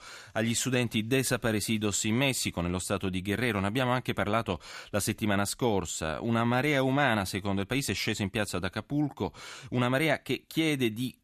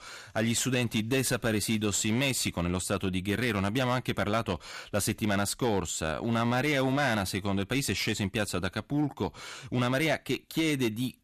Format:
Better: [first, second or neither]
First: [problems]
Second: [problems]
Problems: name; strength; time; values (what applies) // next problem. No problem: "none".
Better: first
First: none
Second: distortion; slight; 8% of the sound clipped